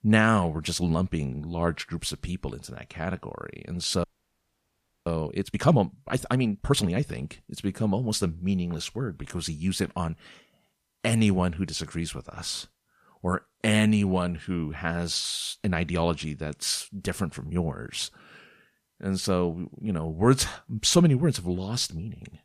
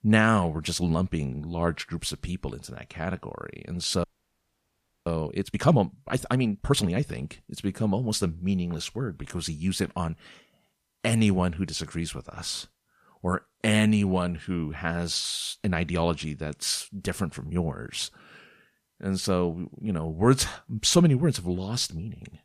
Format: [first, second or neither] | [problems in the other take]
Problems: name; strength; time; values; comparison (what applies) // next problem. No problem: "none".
neither | audio freezing; at 4 s for 1 s; the same in both